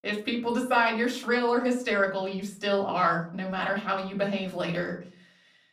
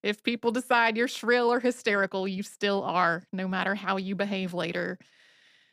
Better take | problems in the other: second | room echo; slight; dies away in 0.4 s // off-mic speech; far

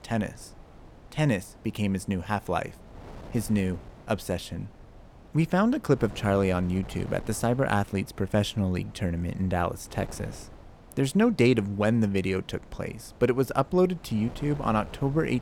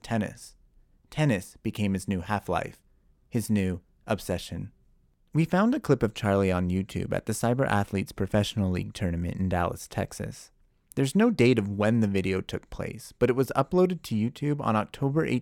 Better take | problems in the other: second | wind noise on the microphone; occasional gusts; 20 dB below the speech

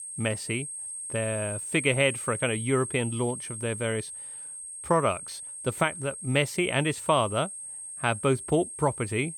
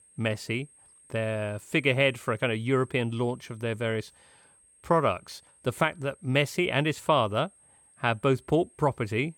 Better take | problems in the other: second | high-pitched whine; loud; throughout; 8.5 kHz, 8 dB below the speech; faint in the second

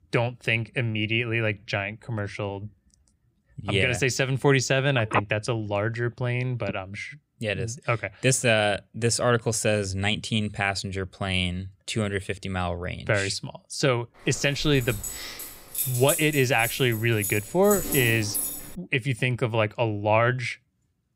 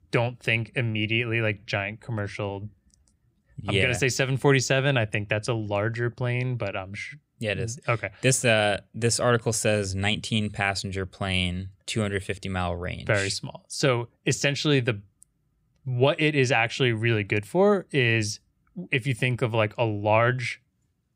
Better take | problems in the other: second | phone ringing; noticeable; from 5 to 6.5 s; peak 4 dB below the speech // jangling keys; noticeable; from 14 to 19 s; peak level with the speech

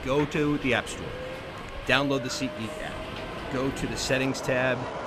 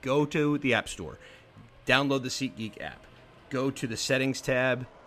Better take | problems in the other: second | train or aircraft noise; loud; throughout; 8 dB below the speech; faint in the second

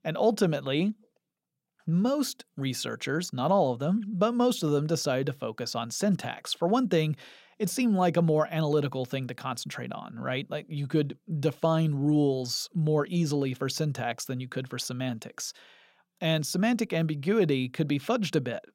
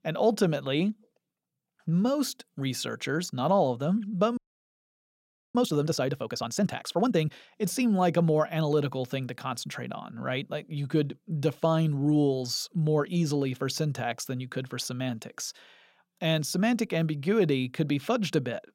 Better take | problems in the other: first | audio freezing; at 4.5 s for 1 s

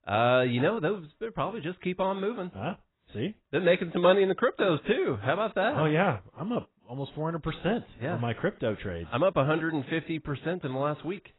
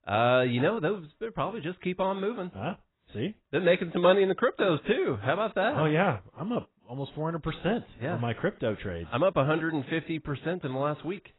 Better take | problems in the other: neither | garbled, watery; badly; nothing above 4 kHz; the same in both

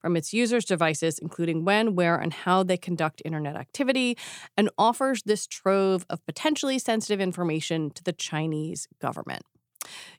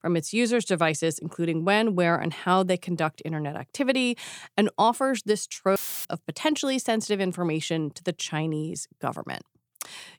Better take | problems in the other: first | audio cutting out; filled with static; at 6 s

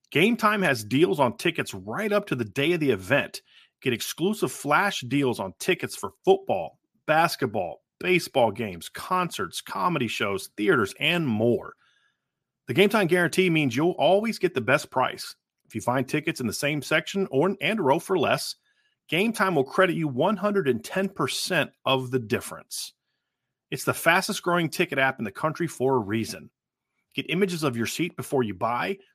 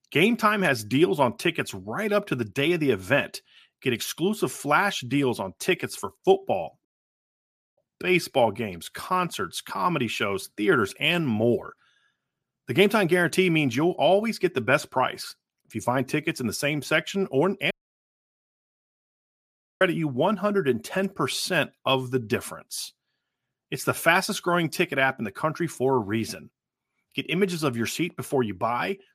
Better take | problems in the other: first | audio cutting out; at 7 s for 1 s and at 18 s for 2 s

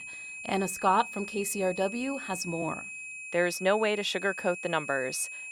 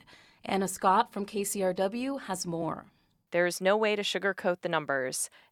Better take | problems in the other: second | high-pitched whine; loud; throughout; 2.5 kHz, 9 dB below the speech

